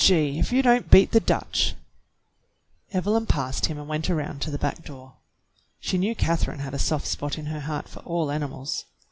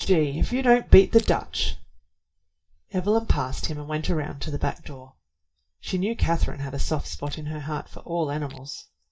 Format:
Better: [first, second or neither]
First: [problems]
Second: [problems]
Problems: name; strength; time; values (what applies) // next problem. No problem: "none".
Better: first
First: none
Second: noise reduction (neural mask model DeepFilterNet 3)